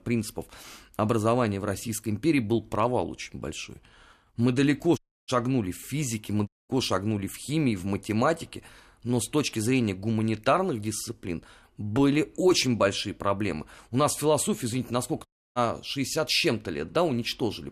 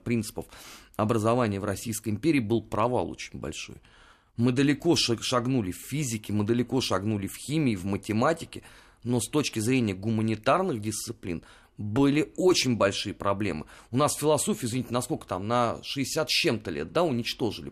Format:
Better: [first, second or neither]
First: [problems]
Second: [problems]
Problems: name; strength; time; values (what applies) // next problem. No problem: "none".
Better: second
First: audio cutting out; at 5 s, at 6.5 s and at 15 s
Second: none